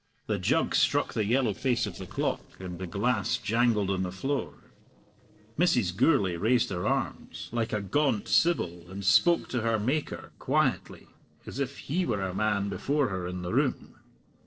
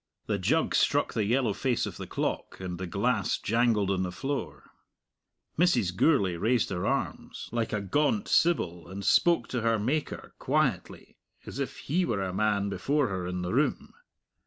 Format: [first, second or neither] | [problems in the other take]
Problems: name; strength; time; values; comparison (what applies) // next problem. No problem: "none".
second | noise reduction (neural separator model SepFormer DNS4)